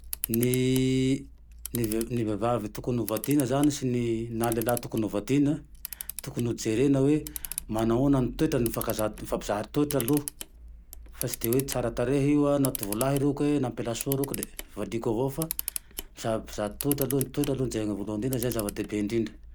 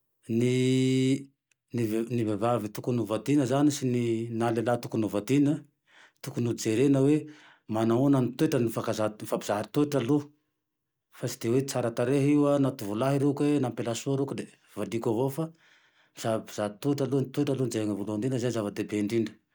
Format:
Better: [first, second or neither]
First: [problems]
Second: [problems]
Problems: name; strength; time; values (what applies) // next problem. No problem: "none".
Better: second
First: background sound (Camera); 12 dB below the speech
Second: none